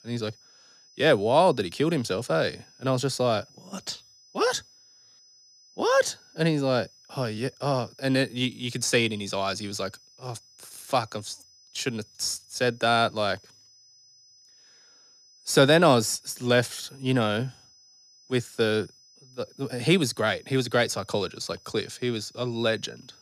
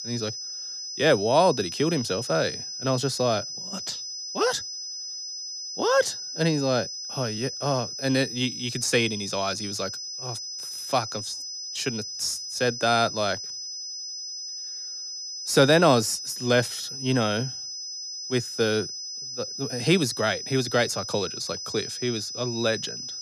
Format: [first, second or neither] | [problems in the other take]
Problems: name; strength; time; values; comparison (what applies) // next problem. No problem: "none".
first | high-pitched whine; loud; throughout; 5 kHz, 7 dB below the speech; faint in the first